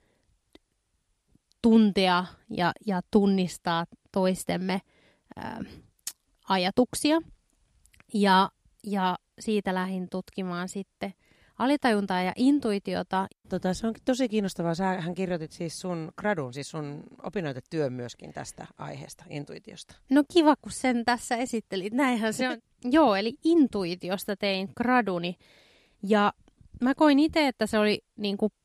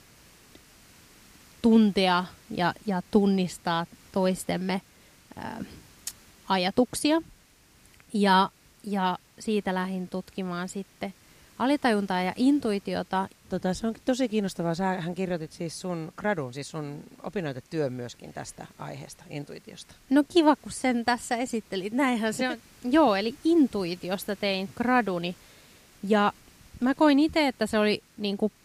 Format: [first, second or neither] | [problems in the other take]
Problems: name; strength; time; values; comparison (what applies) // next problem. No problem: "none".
first | hiss; faint; throughout; 30 dB below the speech